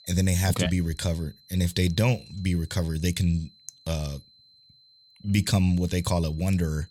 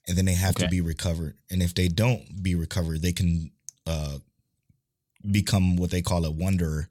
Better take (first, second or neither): second